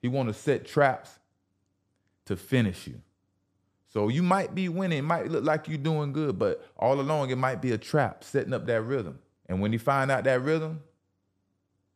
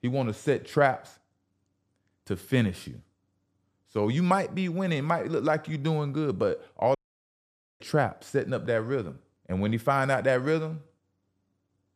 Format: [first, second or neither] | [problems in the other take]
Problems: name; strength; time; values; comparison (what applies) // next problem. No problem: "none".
first | audio cutting out; at 7 s for 1 s